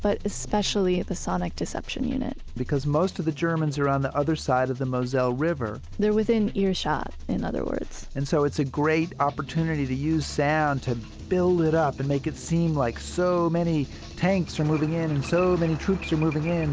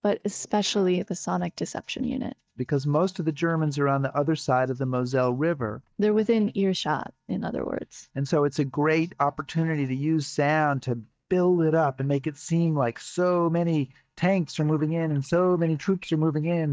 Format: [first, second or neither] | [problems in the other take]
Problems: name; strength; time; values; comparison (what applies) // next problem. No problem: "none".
first | noise reduction (neural mask model DeepFilterNet 3)